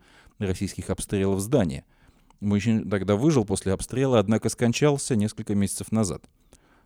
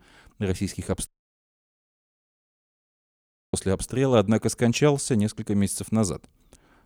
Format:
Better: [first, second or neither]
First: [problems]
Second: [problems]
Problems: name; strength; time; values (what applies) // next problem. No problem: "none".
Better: first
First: none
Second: audio cutting out; at 1 s for 2.5 s